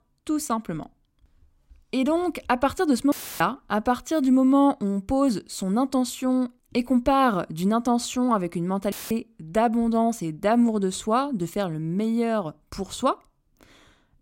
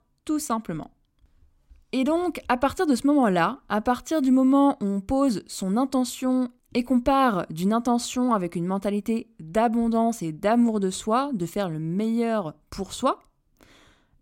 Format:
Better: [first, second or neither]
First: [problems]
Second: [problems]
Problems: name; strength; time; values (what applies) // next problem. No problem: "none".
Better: second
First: audio cutting out; filled with static; at 3 s and at 9 s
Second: none